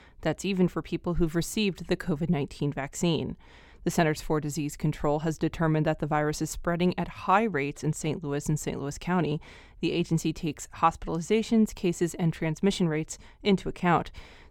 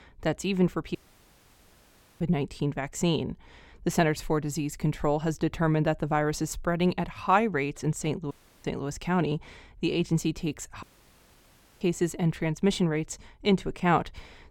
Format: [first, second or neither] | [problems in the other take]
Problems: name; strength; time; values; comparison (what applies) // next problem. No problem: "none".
first | audio cutting out; at 1 s for 1.5 s, at 8.5 s and at 11 s for 1 s